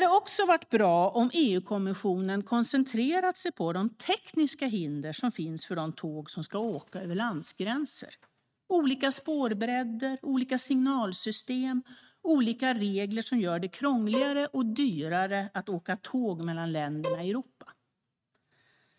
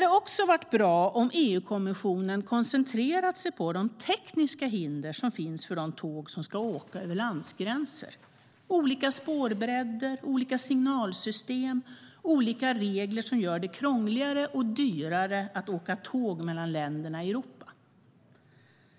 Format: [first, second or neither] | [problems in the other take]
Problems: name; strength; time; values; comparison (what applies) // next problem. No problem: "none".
second | noise reduction (neural mask model RNNoise)